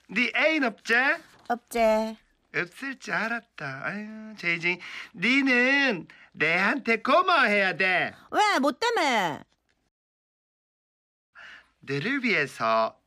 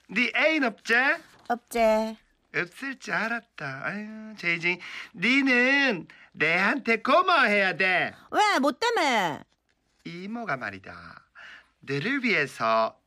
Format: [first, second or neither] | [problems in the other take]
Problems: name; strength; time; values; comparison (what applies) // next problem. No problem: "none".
second | audio cutting out; at 10 s for 1.5 s